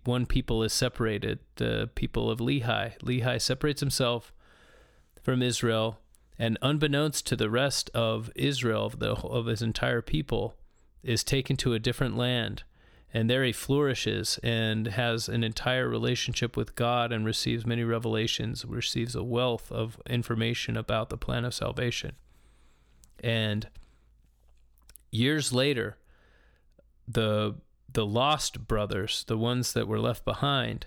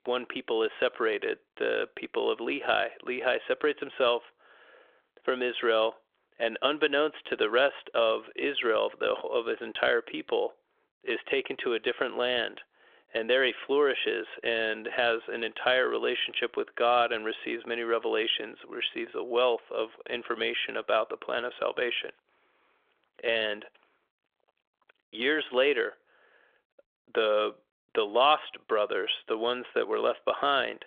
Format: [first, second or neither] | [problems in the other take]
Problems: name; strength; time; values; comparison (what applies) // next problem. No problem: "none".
first | phone-call audio; nothing above 3.5 kHz